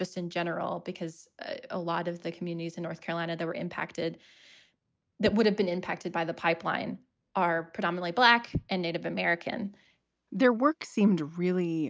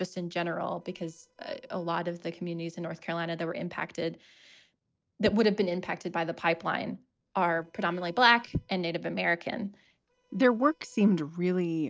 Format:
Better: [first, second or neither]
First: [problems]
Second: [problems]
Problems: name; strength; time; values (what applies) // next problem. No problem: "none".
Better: first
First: none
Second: noise reduction (neural separator model SepFormer DNS4)